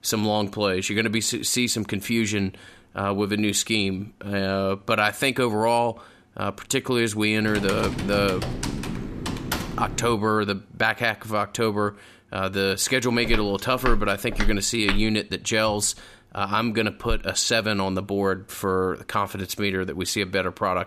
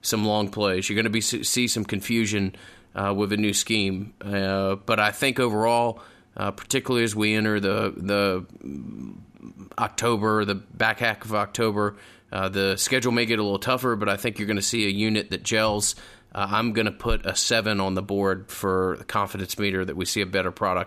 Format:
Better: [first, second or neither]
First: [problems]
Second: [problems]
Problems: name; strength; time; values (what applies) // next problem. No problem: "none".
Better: second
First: keyboard typing; noticeable; from 7.5 to 10 s; peak 4 dB below the speech // footsteps; noticeable; from 13 to 15 s; peak 5 dB below the speech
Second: none